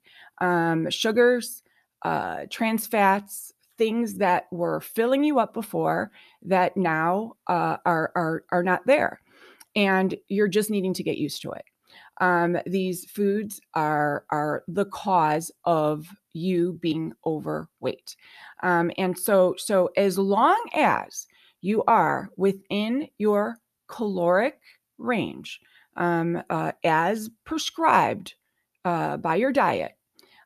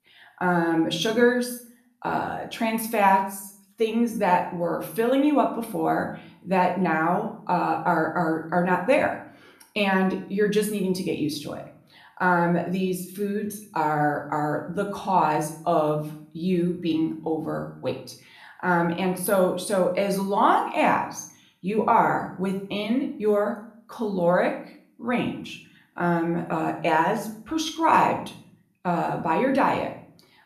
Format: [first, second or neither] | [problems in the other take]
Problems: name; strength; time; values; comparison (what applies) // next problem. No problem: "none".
first | room echo; slight; dies away in 0.5 s // off-mic speech; somewhat distant